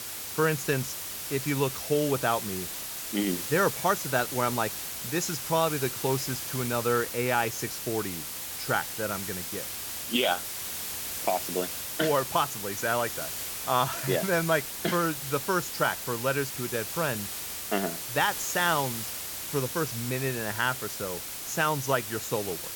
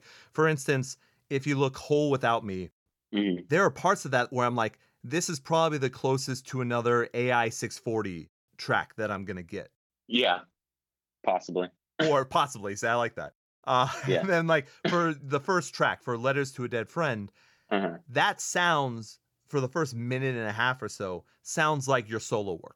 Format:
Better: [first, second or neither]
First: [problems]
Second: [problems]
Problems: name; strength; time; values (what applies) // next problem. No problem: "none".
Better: second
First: hiss; loud; throughout; 4 dB below the speech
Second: none